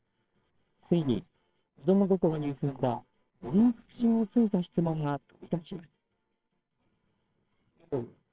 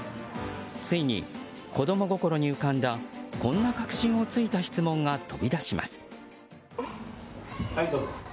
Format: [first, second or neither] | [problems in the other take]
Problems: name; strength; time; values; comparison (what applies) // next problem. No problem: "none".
second | noise reduction (neural separator model SepFormer WHAMR!)